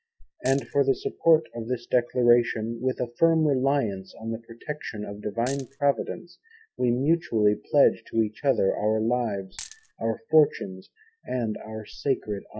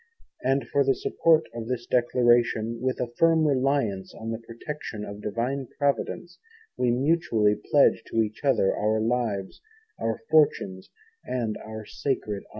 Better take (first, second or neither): second